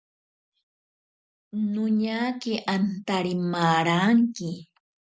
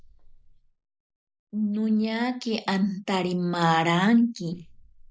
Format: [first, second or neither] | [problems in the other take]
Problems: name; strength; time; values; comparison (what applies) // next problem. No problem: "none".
first | noise reduction (neural mask model Resemble Enhance denoiser)